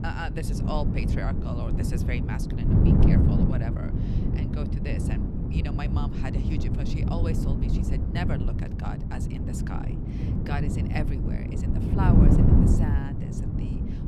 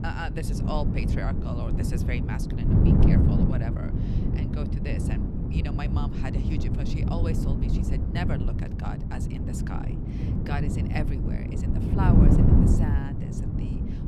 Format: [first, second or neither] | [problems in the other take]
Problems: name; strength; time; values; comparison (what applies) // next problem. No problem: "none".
neither | wind noise on the microphone; heavy; 3 dB above the speech; the same in both